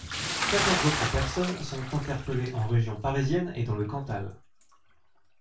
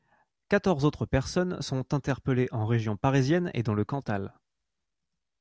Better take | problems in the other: second | background sound (Bathtub (filling or washing) / Splash, splatter); 5 dB below the speech // room echo; dies away in 0.2 s

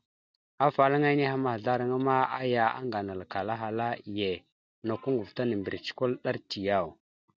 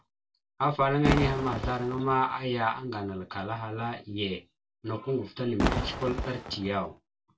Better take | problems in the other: first | background sound (Fireworks); 1 dB below the speech // room echo; dies away in 0.2 s

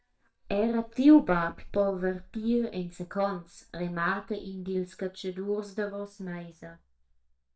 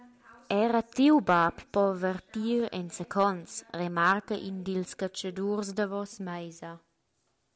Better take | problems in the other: second | noise reduction (neural mask model DeepFilterNet 3)

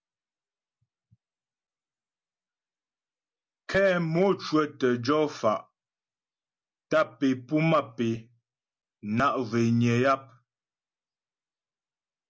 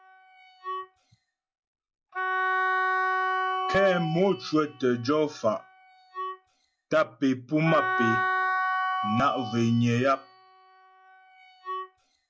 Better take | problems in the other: first | noise reduction (classical method log-MMSE)

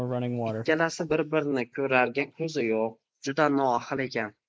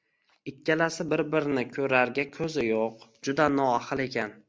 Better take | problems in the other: second | noise reduction (neural mask model Resemble Enhance denoiser)

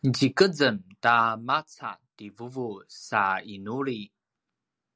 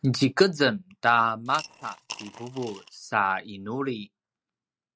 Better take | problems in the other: first | noise reduction (neural mask model RNNoise)

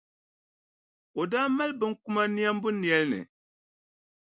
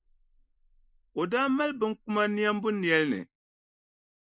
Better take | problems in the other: first | noise reduction (neural mask model Resemble Enhance denoiser)

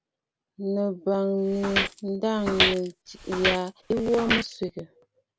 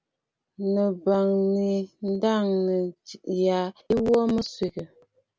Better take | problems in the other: second | background sound (Walk, footsteps); 2 dB below the speech

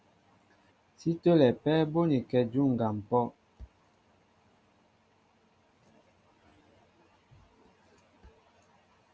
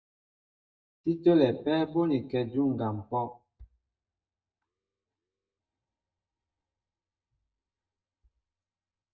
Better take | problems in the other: first | noise reduction (neural mask model DeepFilterNet 3)

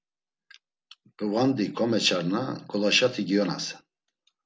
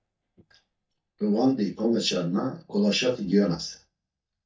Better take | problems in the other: first | noise reduction (neural mask model DeepFilterNet 3)

